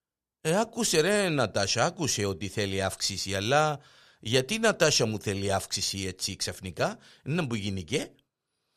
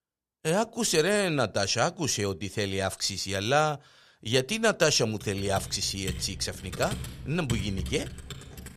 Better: first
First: none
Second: keyboard typing; noticeable; from 5 s on; peak 6 dB below the speech

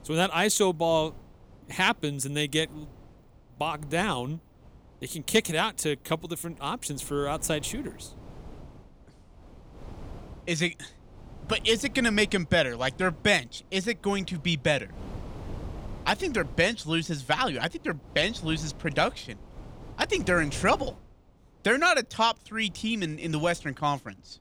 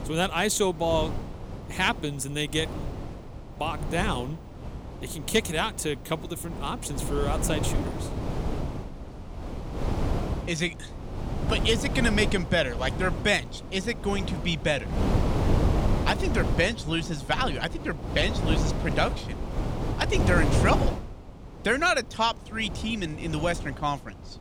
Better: first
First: wind noise on the microphone; occasional gusts; 25 dB below the speech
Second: wind noise on the microphone; heavy; 9 dB below the speech

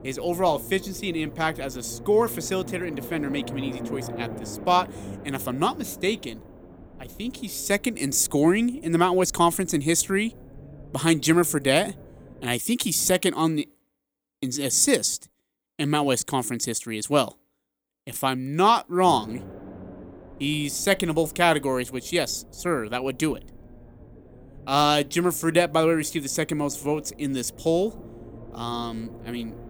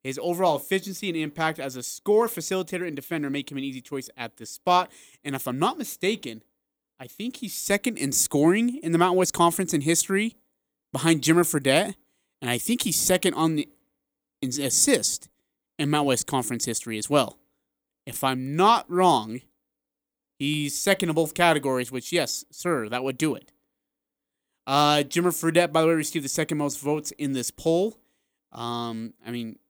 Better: second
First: low rumble; faint; until 13 s and from 19 s on; 20 dB below the speech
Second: none

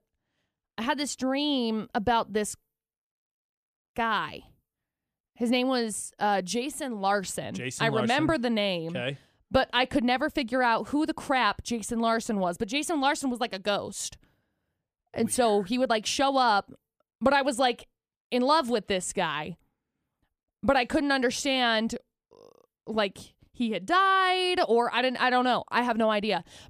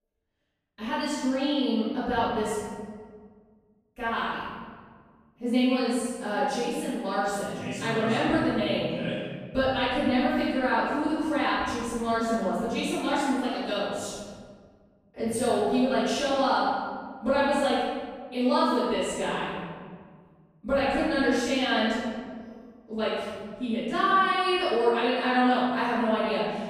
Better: first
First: none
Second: off-mic speech; far // room echo; strong; dies away in 1.6 s

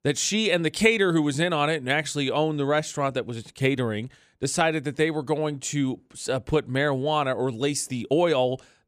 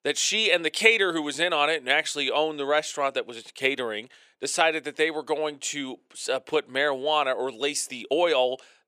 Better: first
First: none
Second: thin; somewhat; fading below 500 Hz

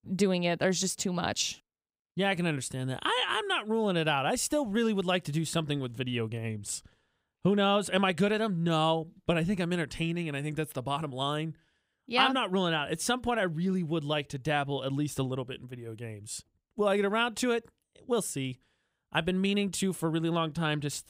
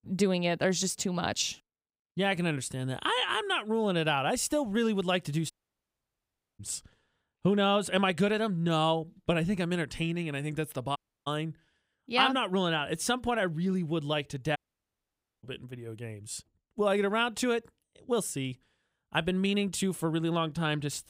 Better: first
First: none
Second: audio cutting out; at 5.5 s for 1 s, at 11 s and at 15 s for 1 s

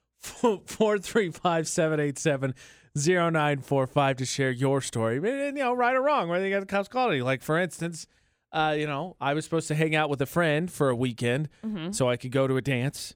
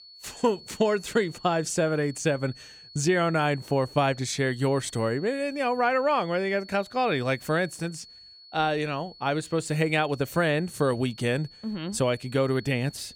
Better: first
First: none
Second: high-pitched whine; faint; throughout; 4.5 kHz, 20 dB below the speech

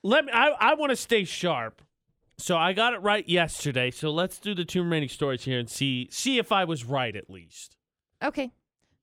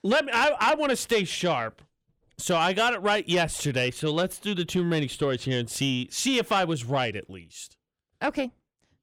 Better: first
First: none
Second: distortion; slight; 10 dB below the speech

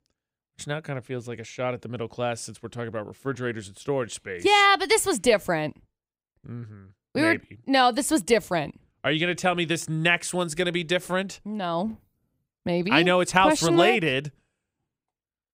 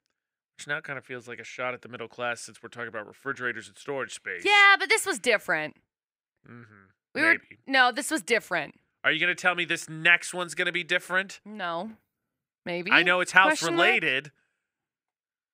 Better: first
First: none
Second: thin; somewhat; fading below 300 Hz

